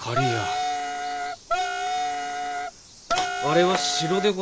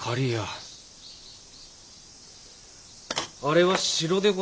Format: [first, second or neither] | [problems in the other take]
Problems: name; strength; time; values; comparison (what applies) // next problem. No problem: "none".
second | background sound (Wind instrument, woodwind instrument); 1 dB above the speech